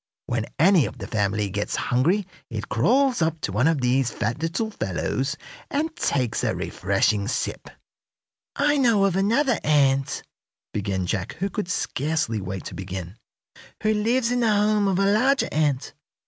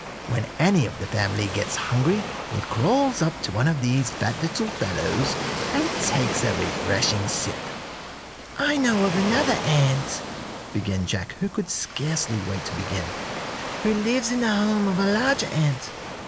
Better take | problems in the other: first | background sound (Waves, surf); 7 dB below the speech

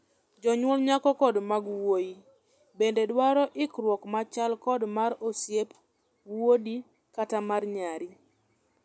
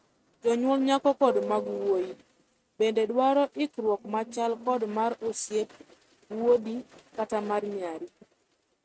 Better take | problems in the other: first | noise reduction (neural mask model RNNoise)

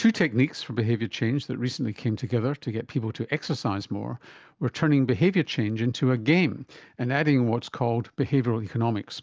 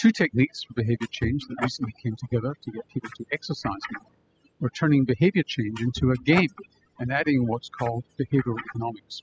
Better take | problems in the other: first | noise reduction (classical method spectral subtraction)

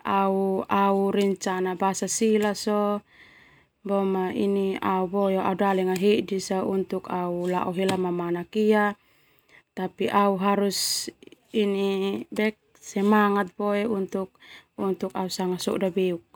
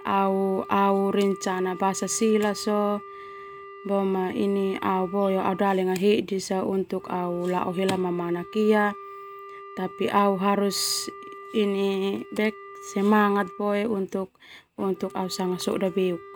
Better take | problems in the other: first | background sound (Wind instrument, woodwind instrument); 17 dB below the speech

